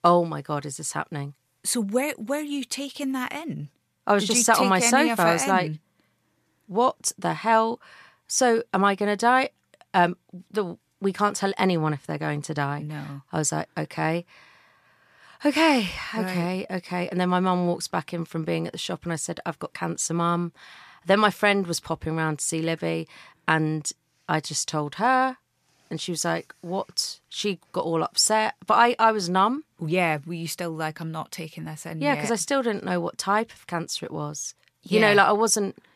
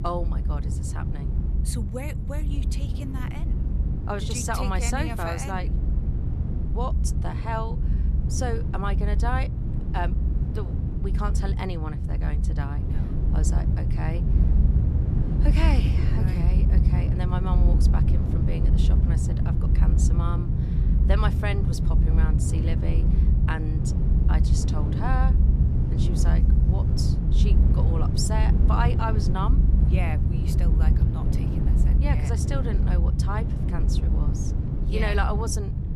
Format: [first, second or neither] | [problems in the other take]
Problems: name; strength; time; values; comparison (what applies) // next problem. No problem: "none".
first | low rumble; loud; throughout; 4 dB below the speech